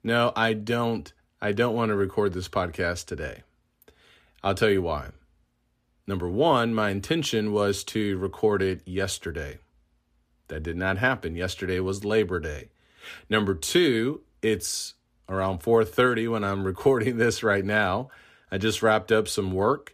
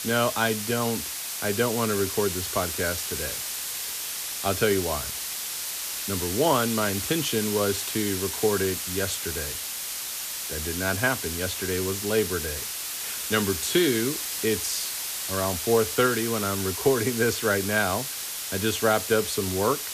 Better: first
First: none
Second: hiss; loud; throughout; 3 dB below the speech

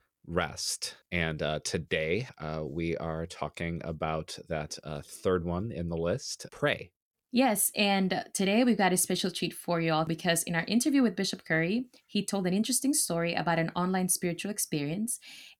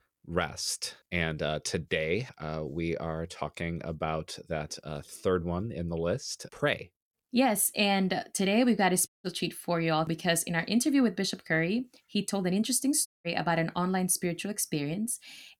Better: first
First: none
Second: audio cutting out; at 9 s and at 13 s

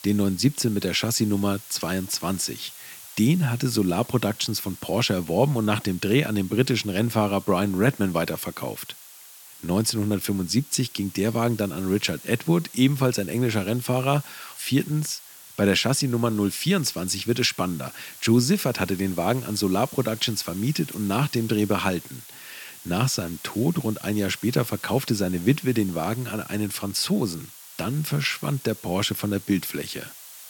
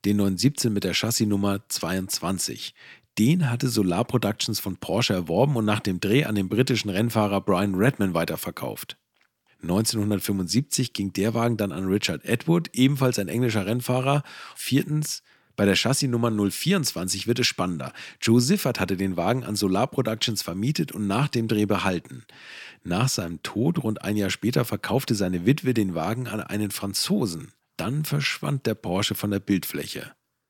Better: second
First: hiss; noticeable; throughout; 15 dB below the speech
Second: none

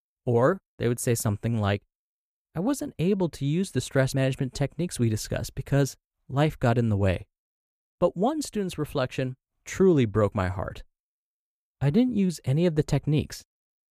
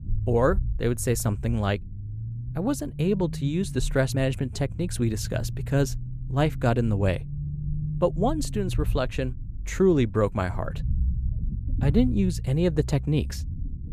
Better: first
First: none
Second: low rumble; noticeable; throughout; 20 dB below the speech

